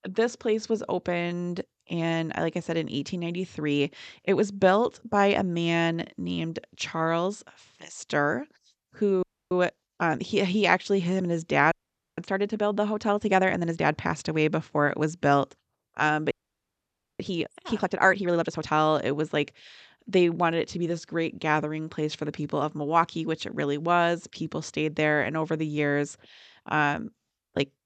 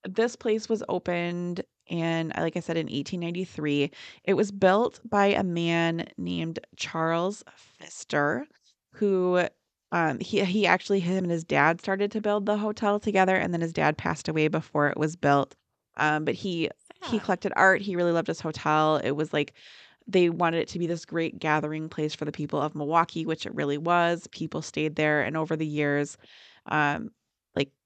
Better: second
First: audio freezing; at 9 s, at 12 s and at 16 s for 1 s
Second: none

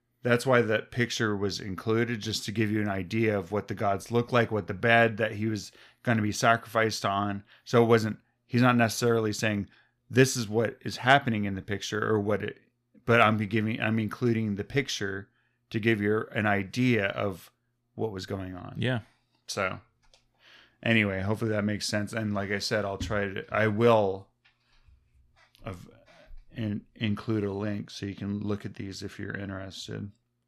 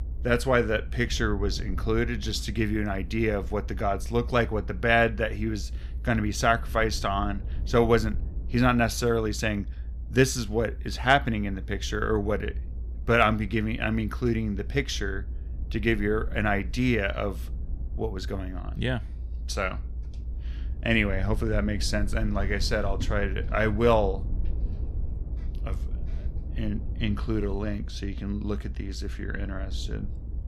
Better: first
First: none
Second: low rumble; faint; throughout; 25 dB below the speech

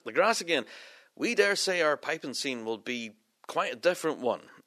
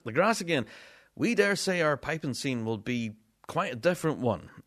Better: second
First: thin; somewhat; fading below 400 Hz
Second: none

